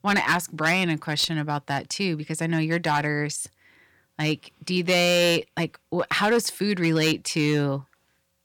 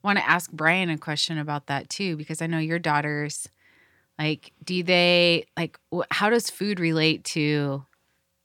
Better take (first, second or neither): second